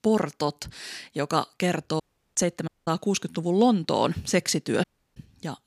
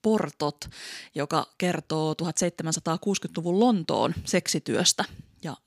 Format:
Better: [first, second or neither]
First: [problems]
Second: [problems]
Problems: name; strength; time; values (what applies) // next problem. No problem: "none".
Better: second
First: audio cutting out; at 2 s, at 2.5 s and at 5 s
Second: none